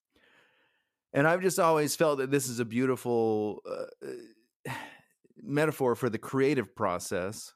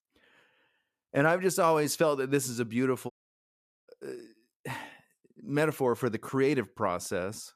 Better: first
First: none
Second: audio cutting out; at 3 s for 1 s

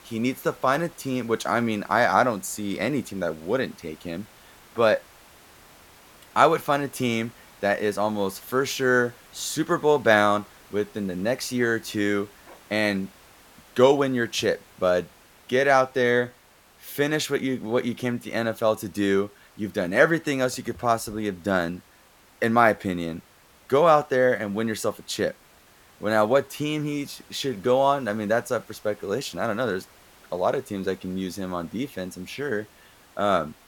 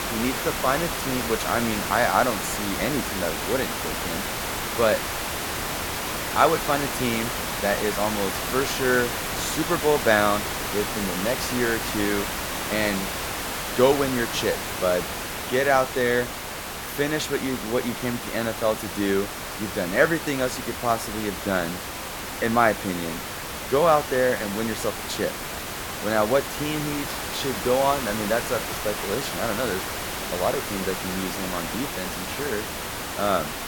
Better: first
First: hiss; faint; throughout; 25 dB below the speech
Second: hiss; loud; throughout; 3 dB below the speech

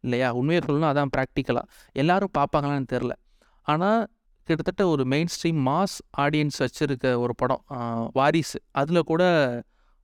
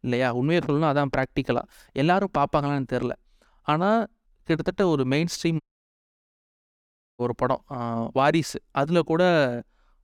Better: first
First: none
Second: audio cutting out; at 5.5 s for 1.5 s

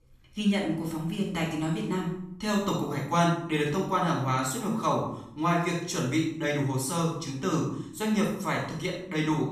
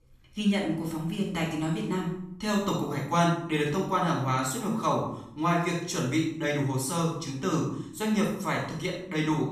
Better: neither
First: off-mic speech; far // room echo; noticeable; dies away in 0.6 s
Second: off-mic speech; far // room echo; noticeable; dies away in 0.6 s

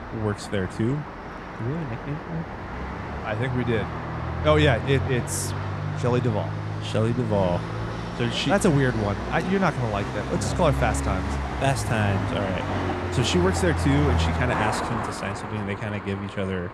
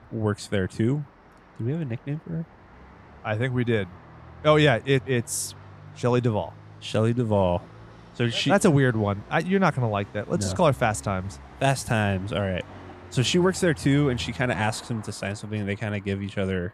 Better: second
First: traffic noise; loud; throughout; 4 dB below the speech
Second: traffic noise; faint; throughout; 20 dB below the speech

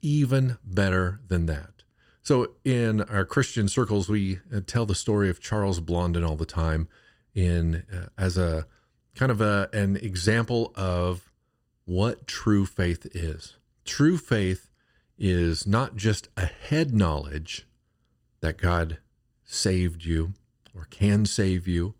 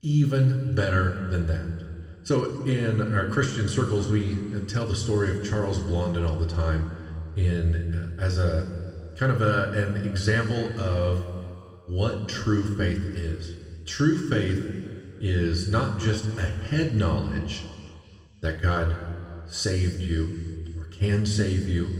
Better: first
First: none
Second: room echo; noticeable; dies away in 2.2 s // off-mic speech; somewhat distant

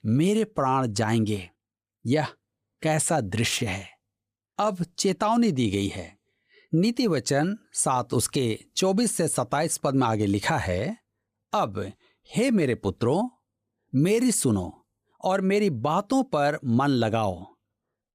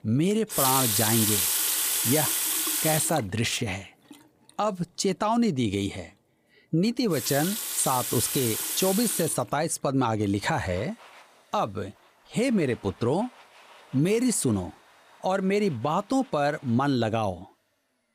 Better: first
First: none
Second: household noises; very loud; throughout; 1 dB above the speech

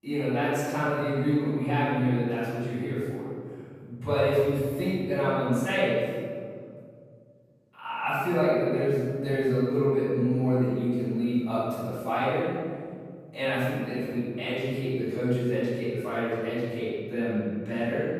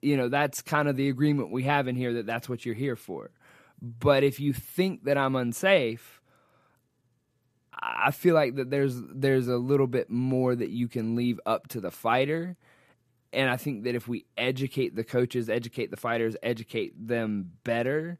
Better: second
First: off-mic speech; far // room echo; strong; dies away in 2 s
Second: none

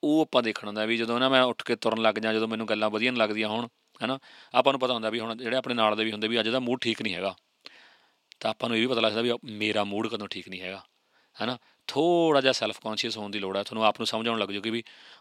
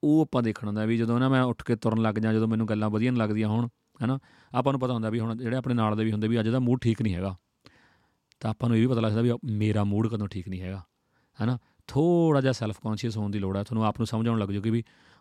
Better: second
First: thin; somewhat; fading below 350 Hz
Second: none

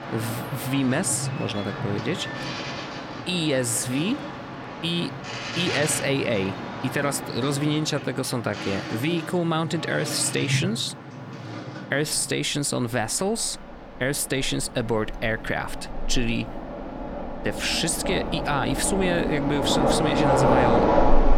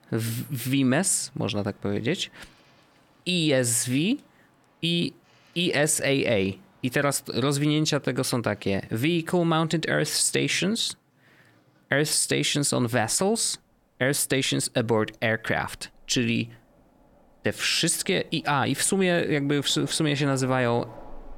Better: second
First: train or aircraft noise; loud; throughout; 3 dB below the speech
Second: train or aircraft noise; faint; throughout; 30 dB below the speech

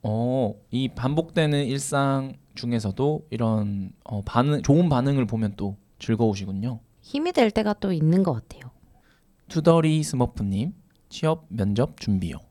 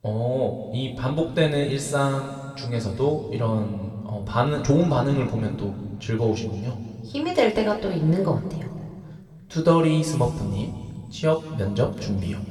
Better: first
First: none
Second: room echo; noticeable; dies away in 1.8 s // off-mic speech; somewhat distant

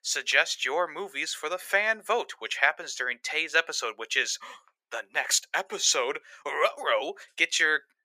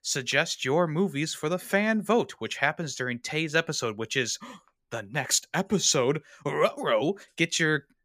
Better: second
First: thin; very; fading below 500 Hz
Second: none

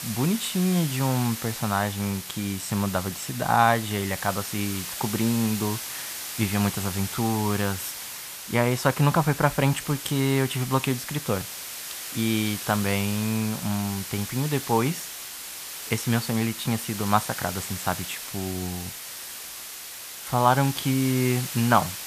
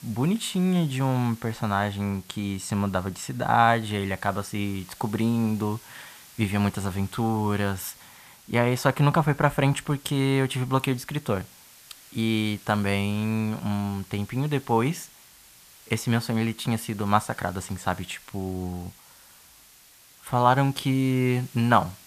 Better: second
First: hiss; loud; throughout; 7 dB below the speech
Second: hiss; faint; throughout; 20 dB below the speech

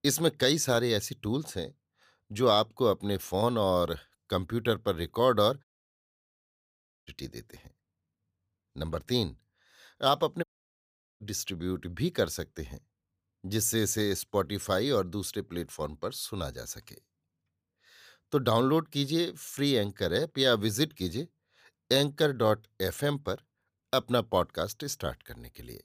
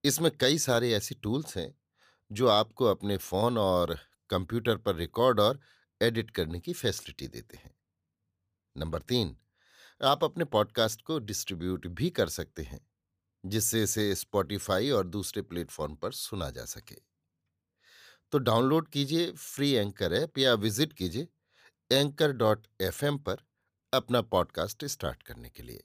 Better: second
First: audio cutting out; at 5.5 s for 1.5 s and at 10 s for 1 s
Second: none

